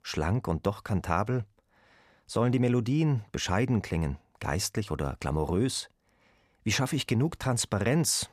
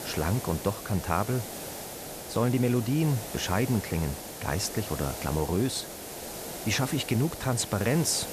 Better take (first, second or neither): first